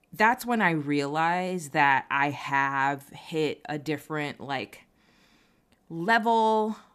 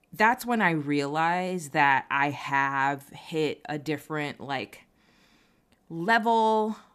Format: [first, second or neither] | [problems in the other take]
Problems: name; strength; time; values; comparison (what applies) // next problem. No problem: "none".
neither | none